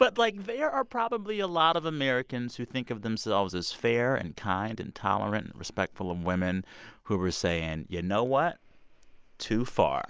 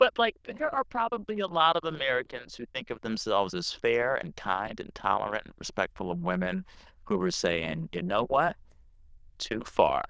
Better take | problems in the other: first | noise reduction (neural diffusion model UNIVERSE++)

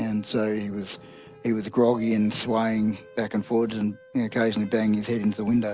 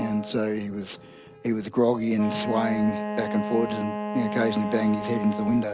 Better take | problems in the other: first | background sound (Wind instrument, woodwind instrument); 6 dB below the speech

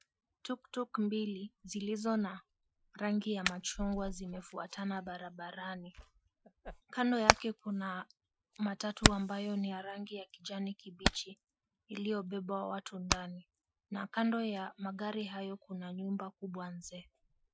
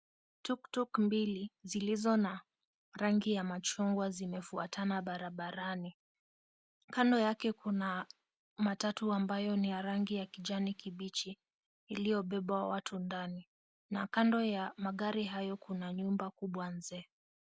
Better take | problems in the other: second | noise reduction (classical method Wiener filter)

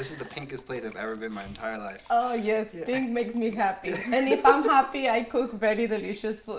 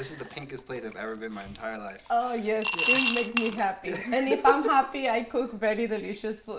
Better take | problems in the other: first | background sound (Coin (dropping) / Glass); as loud as the speech

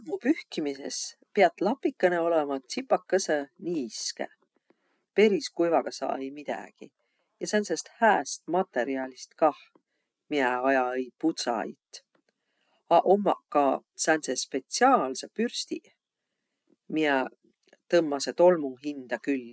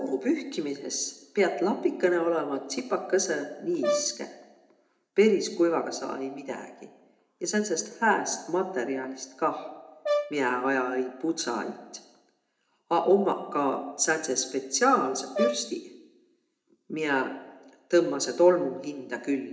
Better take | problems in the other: first | background sound (Brass instrument); 5 dB below the speech // room echo; dies away in 0.6 s

